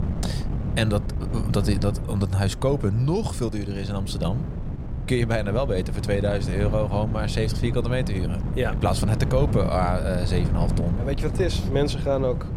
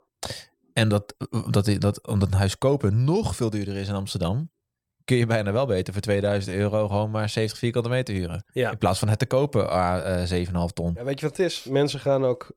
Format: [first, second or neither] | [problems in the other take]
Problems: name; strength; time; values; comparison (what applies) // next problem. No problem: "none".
second | wind noise on the microphone; heavy; 10 dB below the speech